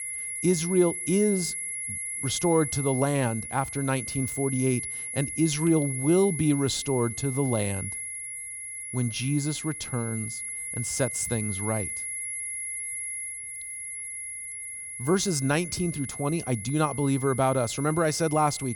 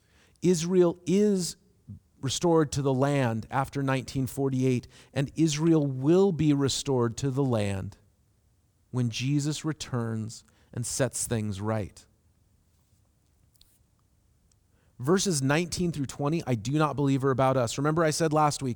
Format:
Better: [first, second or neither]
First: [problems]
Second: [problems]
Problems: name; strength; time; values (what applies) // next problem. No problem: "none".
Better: second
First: high-pitched whine; loud; throughout; 11 kHz, 6 dB below the speech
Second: none